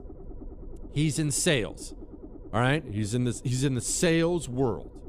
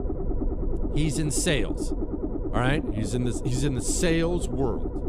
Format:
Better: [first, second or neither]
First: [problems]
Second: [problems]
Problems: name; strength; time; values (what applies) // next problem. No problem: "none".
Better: first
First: low rumble; faint; throughout; 20 dB below the speech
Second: low rumble; loud; throughout; 7 dB below the speech